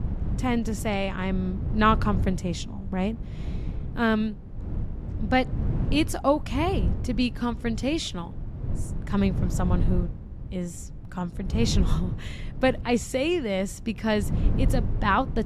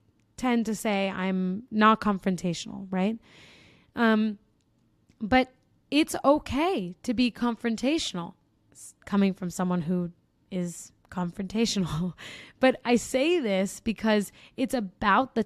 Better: second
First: wind noise on the microphone; occasional gusts; 15 dB below the speech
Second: none

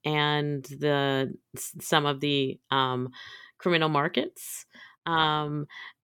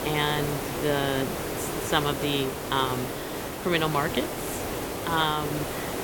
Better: first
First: none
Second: hiss; loud; throughout; 3 dB below the speech

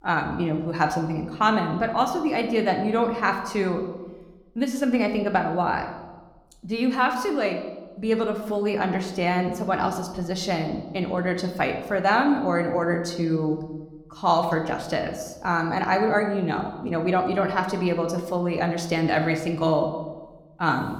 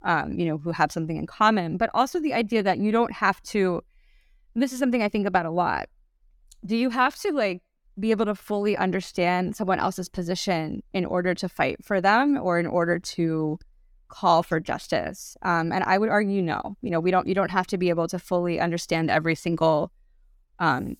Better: second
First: room echo; slight; dies away in 0.9 s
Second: none

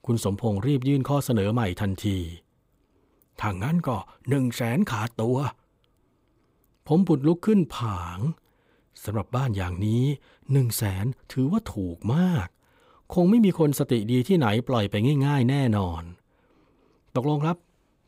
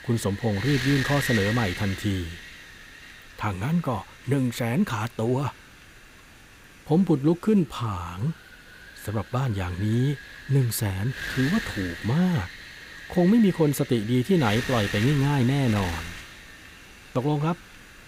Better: first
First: none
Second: wind noise on the microphone; heavy; 4 dB below the speech

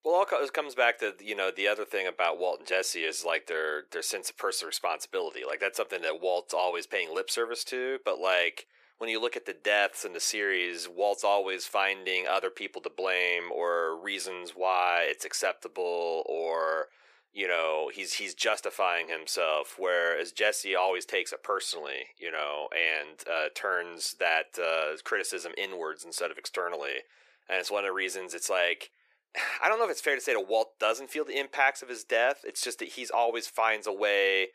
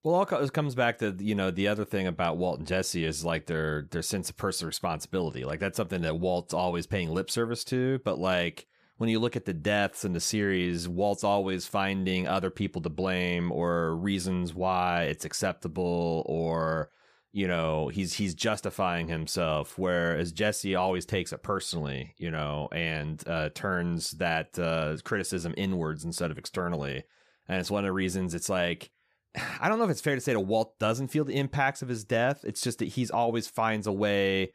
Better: second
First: thin; very; fading below 400 Hz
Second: none

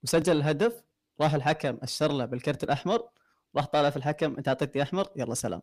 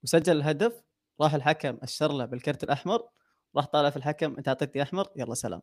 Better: second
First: distortion; slight; 10 dB below the speech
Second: none

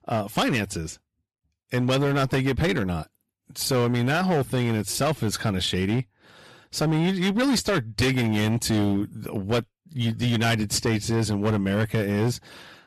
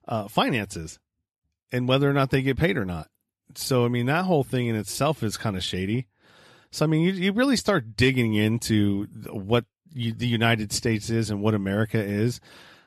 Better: second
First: distortion; heavy; 14% of the sound clipped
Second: none

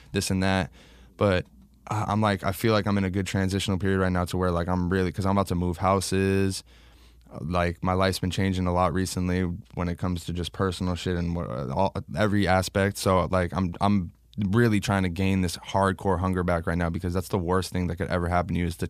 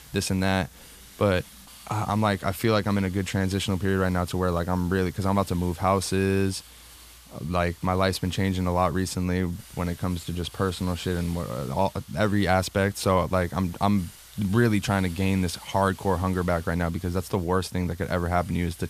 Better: first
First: none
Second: hiss; faint; throughout; 20 dB below the speech

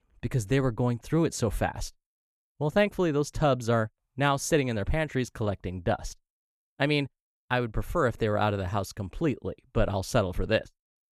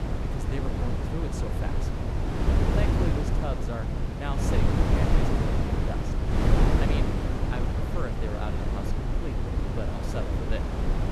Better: first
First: none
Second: wind noise on the microphone; heavy; 5 dB above the speech

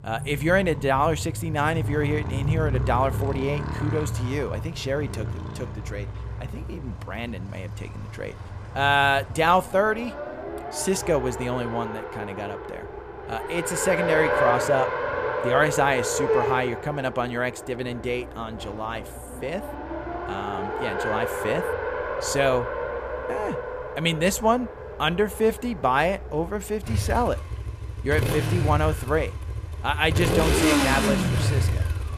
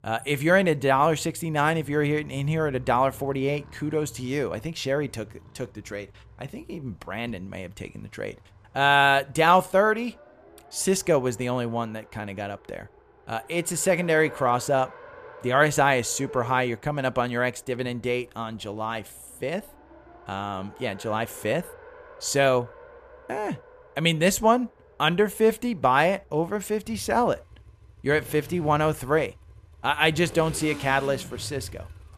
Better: second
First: traffic noise; loud; throughout; 3 dB below the speech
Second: traffic noise; faint; throughout; 20 dB below the speech

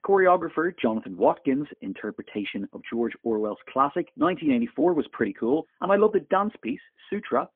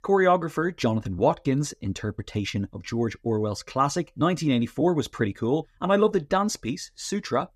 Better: second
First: phone-call audio; poor line; nothing above 3.5 kHz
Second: none

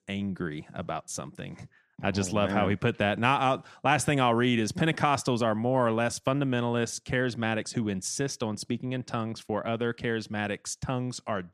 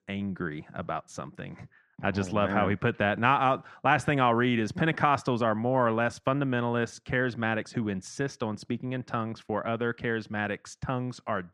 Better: first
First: none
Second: muffled; slightly; fading above 2.5 kHz

